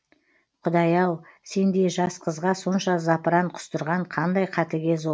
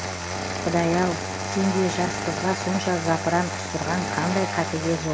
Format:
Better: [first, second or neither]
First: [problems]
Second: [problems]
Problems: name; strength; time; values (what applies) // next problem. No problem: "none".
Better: first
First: none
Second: background sound (Engine starting); 3 dB below the speech